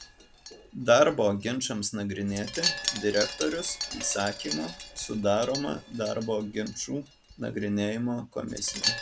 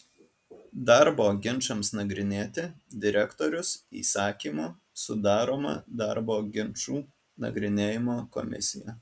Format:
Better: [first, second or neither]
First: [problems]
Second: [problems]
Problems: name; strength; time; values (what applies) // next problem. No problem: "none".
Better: second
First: background sound (Wind chime); 8 dB below the speech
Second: none